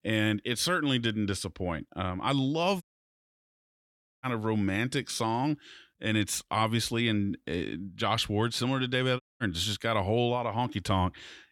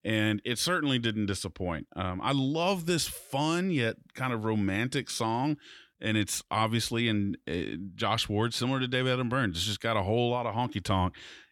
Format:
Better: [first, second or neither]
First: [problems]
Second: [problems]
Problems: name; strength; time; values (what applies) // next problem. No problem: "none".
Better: second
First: audio cutting out; at 3 s for 1.5 s and at 9 s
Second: none